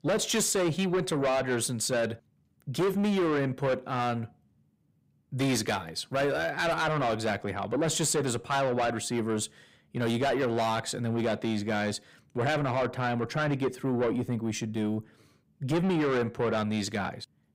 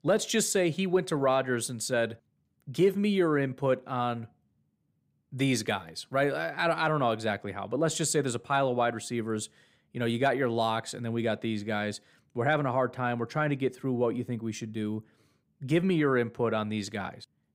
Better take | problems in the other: second | distortion; heavy; 8 dB below the speech

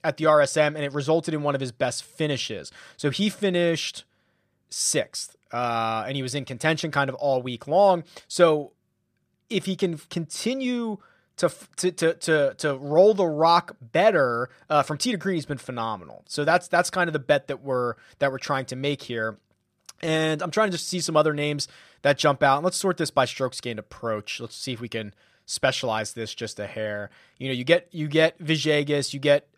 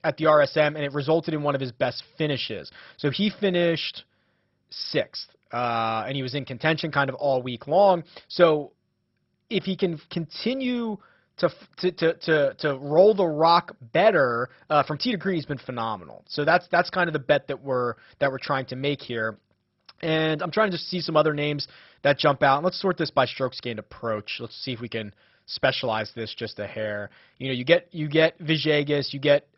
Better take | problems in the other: first | garbled, watery; badly; nothing above 5.5 kHz

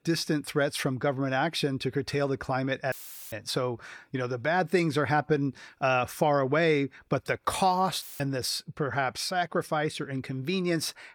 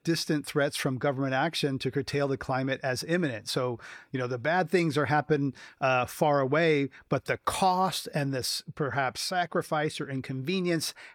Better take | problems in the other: second | audio cutting out; filled with static; at 3 s and at 8 s

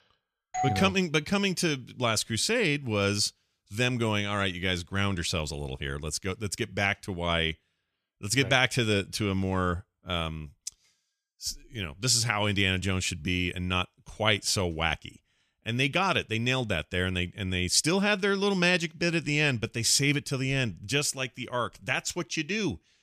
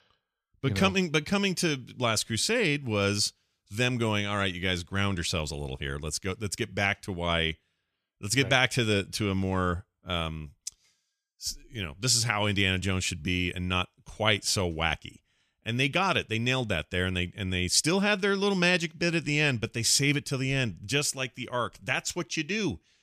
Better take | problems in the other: second | doorbell; noticeable; at 0.5 s; peak 4 dB below the speech

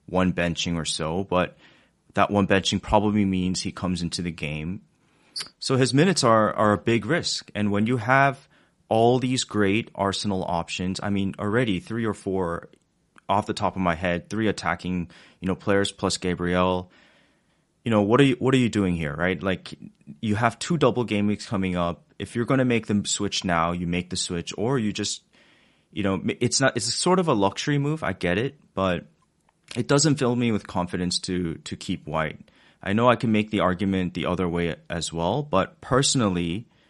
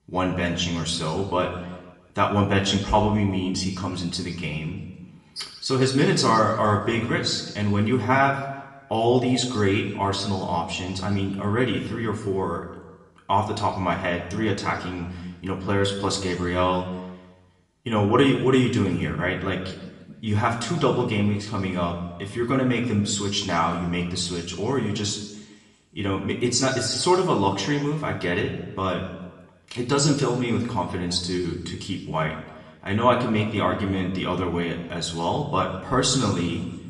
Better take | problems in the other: first | room echo; slight; dies away in 1 s // off-mic speech; somewhat distant

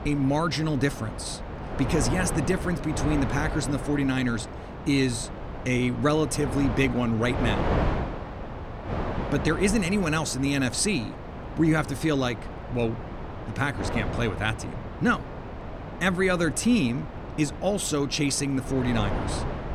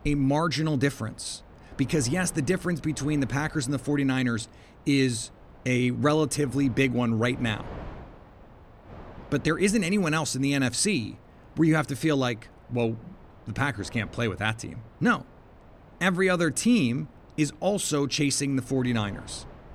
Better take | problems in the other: second | wind noise on the microphone; heavy; 8 dB below the speech; occasional gusts in the second

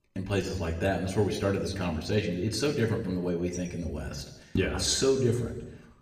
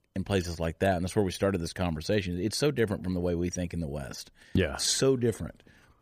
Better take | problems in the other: second | room echo; slight; dies away in 1 s // off-mic speech; somewhat distant

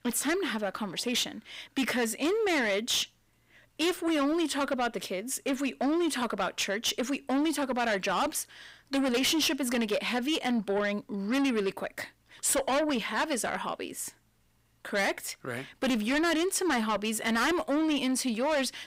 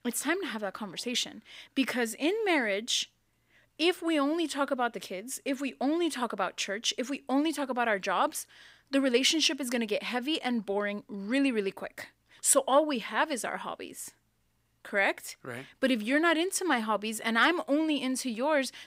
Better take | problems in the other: second | distortion; heavy; 7 dB below the speech

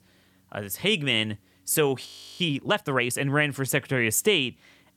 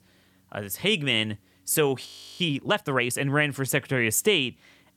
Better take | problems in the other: neither | audio freezing; at 2 s; the same in both

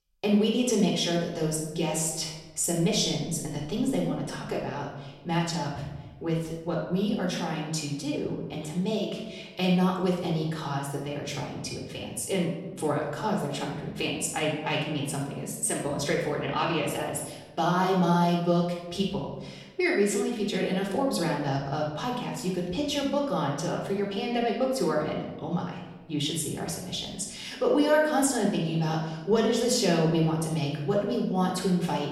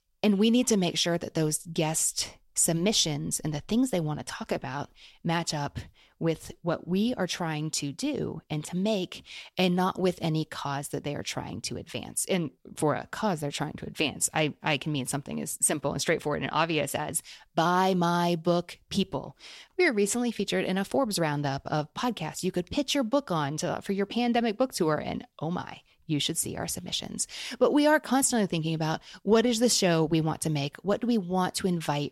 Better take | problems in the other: second | off-mic speech; somewhat distant // room echo; noticeable; dies away in 1 s

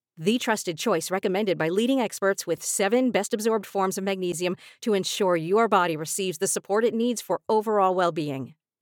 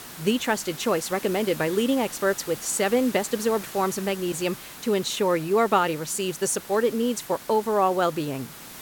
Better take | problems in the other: first | hiss; noticeable; throughout; 15 dB below the speech

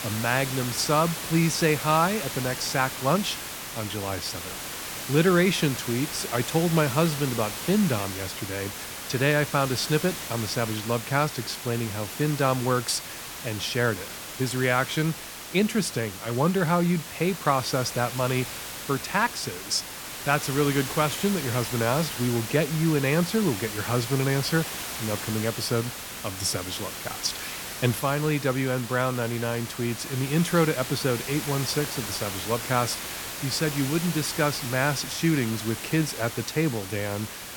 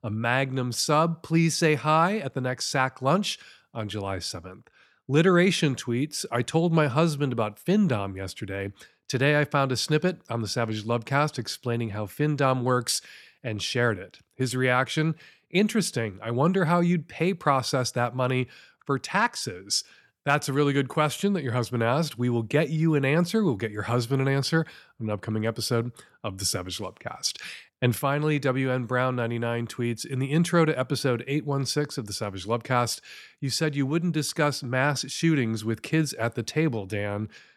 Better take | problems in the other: second | hiss; loud; throughout; 7 dB below the speech

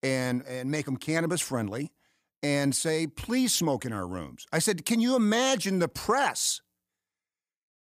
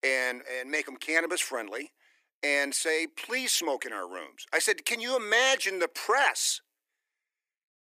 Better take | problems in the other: first | thin; very; fading below 350 Hz

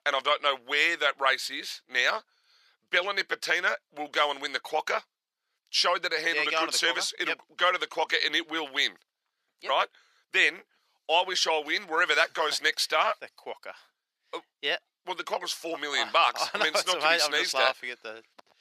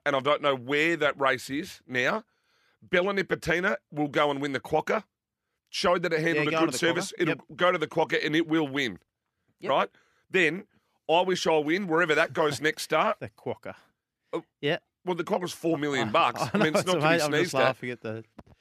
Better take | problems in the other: second | thin; very; fading below 700 Hz

